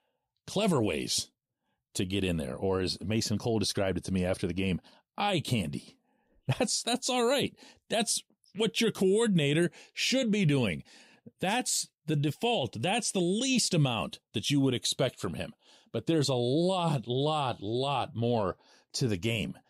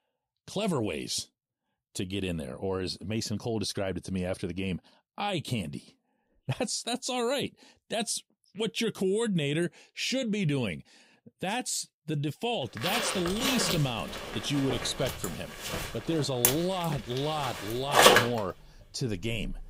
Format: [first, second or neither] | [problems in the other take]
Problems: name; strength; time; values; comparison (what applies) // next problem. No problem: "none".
first | household noises; very loud; from 13 s on; 4 dB above the speech